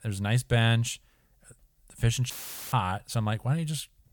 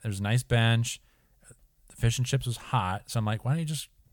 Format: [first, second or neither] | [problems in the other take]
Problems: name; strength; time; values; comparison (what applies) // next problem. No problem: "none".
second | audio cutting out; filled with static; at 2.5 s